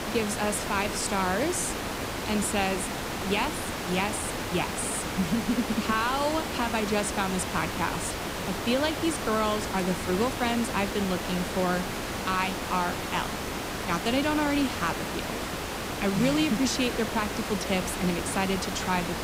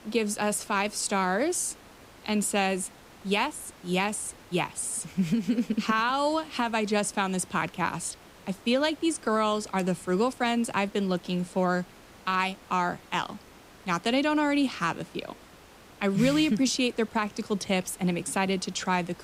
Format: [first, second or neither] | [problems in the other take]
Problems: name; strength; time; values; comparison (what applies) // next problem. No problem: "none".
second | hiss; loud; throughout; 3 dB below the speech; faint in the second